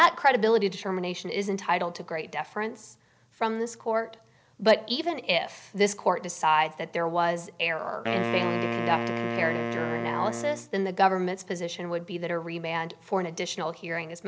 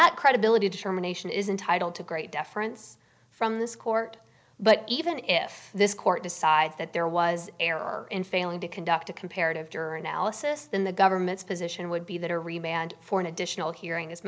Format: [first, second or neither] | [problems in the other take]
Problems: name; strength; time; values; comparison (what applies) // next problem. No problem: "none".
second | background sound (Wind instrument, woodwind instrument); 4 dB below the speech